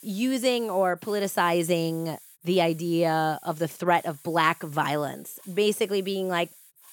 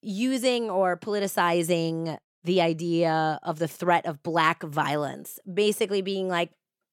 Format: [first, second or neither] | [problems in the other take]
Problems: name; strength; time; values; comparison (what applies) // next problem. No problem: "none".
second | hiss; faint; throughout; 20 dB below the speech